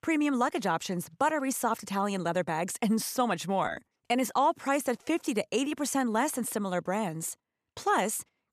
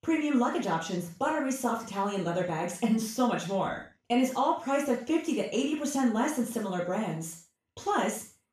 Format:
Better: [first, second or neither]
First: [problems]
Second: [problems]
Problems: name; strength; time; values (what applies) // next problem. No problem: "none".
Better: first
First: none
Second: room echo; noticeable; dies away in 0.4 s // off-mic speech; far